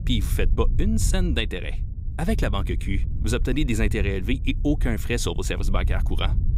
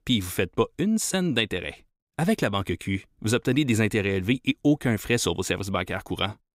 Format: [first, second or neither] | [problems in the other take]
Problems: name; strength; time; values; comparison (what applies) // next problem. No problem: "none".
second | low rumble; noticeable; throughout; 15 dB below the speech